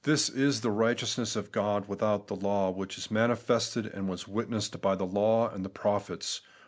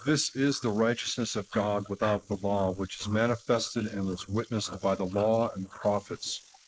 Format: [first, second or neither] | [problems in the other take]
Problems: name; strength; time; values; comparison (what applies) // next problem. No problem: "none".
first | noise reduction (neural mask model Resemble Enhance denoiser)